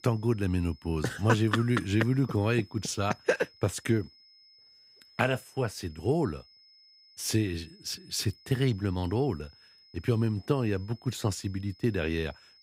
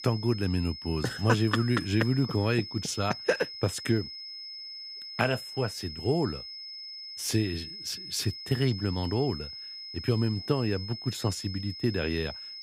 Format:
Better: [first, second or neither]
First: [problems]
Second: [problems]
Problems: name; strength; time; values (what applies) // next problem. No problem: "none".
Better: first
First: high-pitched whine; faint; throughout; 5 kHz, 25 dB below the speech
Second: high-pitched whine; loud; throughout; 5 kHz, 9 dB below the speech